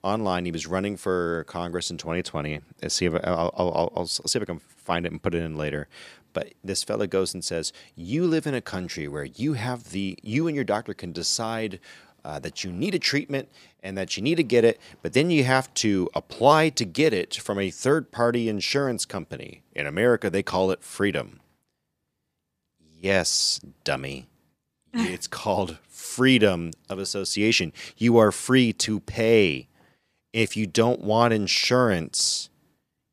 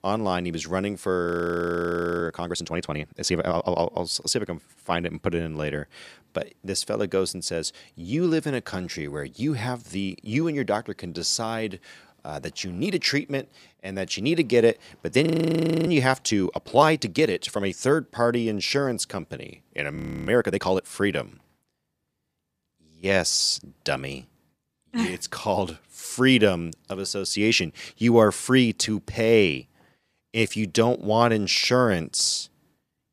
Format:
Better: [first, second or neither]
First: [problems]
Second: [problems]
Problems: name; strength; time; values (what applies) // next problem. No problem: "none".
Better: first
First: none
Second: audio freezing; at 1.5 s for 1 s, at 15 s for 0.5 s and at 20 s